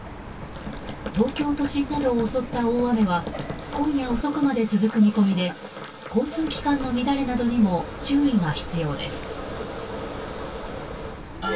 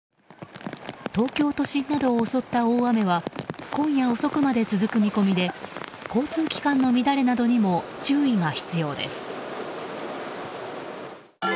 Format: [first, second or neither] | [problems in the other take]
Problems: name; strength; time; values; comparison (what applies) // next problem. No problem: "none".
second | background sound (Chirp, tweet); 13 dB below the speech // room echo; dies away in 0.1 s